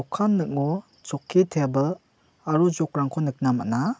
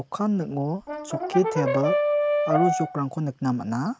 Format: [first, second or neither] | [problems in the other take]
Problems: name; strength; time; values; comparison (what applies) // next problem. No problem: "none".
first | background sound (Brass instrument); 1 dB above the speech